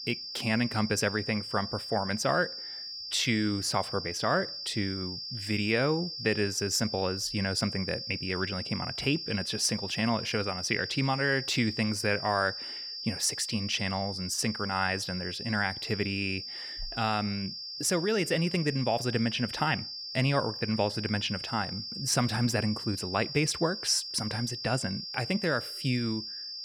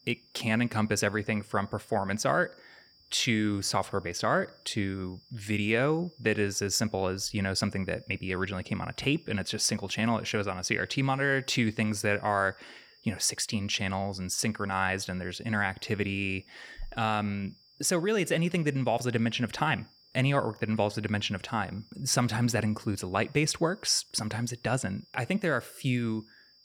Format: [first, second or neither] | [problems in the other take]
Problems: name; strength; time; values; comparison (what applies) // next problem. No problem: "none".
second | high-pitched whine; loud; throughout; 5 kHz, 6 dB below the speech; faint in the second